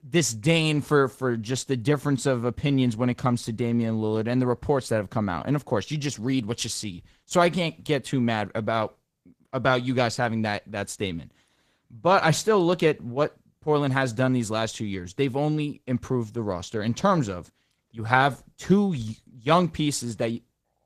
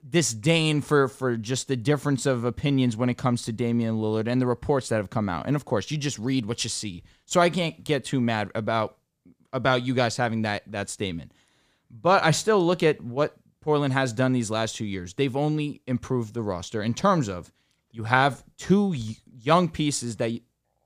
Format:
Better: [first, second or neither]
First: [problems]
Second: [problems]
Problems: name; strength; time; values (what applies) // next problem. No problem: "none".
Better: second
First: garbled, watery; slightly; nothing above 14.5 kHz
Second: none